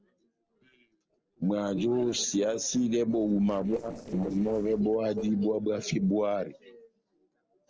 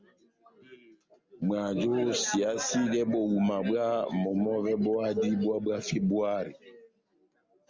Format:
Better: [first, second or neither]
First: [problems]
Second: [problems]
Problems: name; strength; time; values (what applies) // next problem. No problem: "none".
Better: second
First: noise reduction (neural separator model SepFormer DNS4)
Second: none